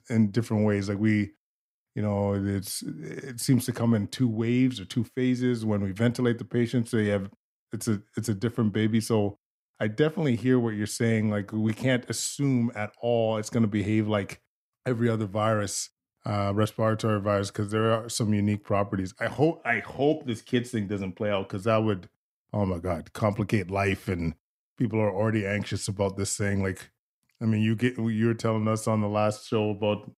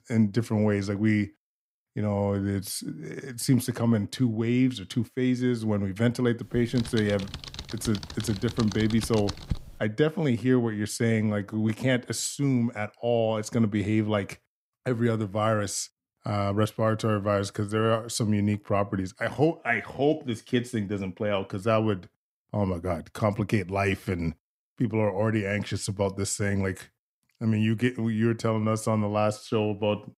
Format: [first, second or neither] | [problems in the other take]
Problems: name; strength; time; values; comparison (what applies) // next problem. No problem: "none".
first | keyboard typing; noticeable; from 6.5 to 9.5 s; peak 8 dB below the speech